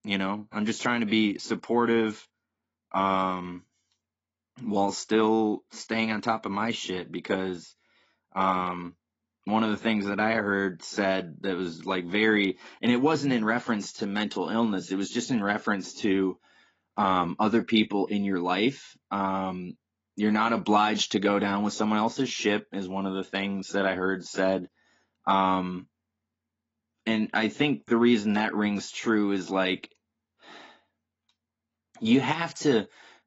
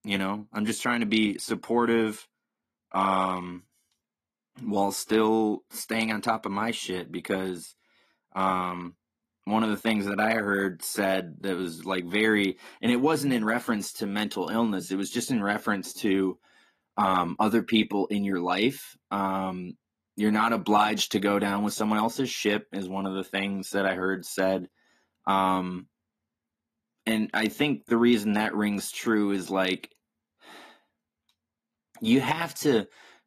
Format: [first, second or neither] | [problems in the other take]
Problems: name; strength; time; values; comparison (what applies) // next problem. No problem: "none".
second | garbled, watery; badly; nothing above 7.5 kHz; slightly in the second